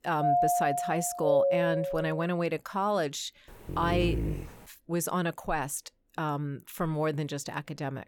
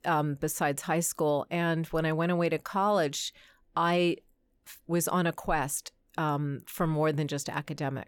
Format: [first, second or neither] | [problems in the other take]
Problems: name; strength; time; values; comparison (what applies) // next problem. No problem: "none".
second | doorbell; loud; until 2 s; peak 6 dB above the speech // dog barking; loud; at 3.5 s; peak level with the speech